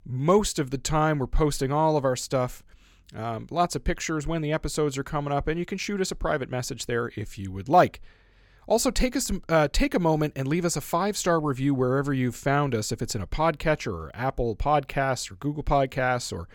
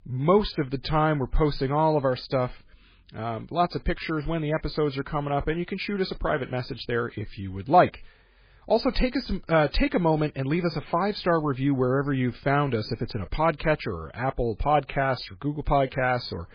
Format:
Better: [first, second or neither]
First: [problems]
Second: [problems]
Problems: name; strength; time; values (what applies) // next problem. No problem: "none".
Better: first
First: none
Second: garbled, watery; badly; nothing above 5 kHz